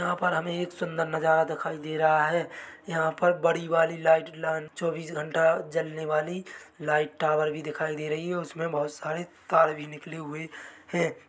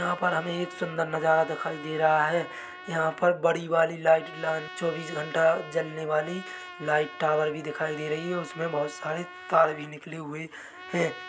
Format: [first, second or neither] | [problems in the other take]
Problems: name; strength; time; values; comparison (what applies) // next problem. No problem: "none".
first | background sound (Trumpet); 16 dB below the speech